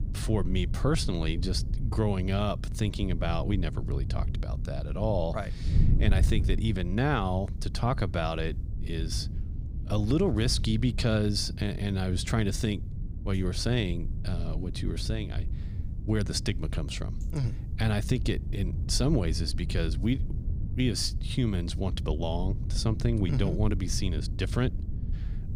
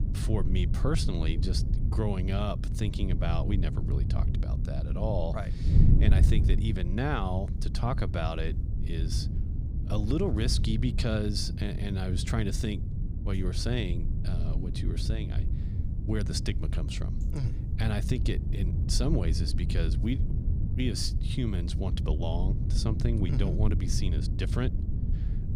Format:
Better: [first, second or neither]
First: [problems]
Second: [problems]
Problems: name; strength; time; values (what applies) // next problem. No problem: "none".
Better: first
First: wind noise on the microphone; occasional gusts; 15 dB below the speech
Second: wind noise on the microphone; heavy; 7 dB below the speech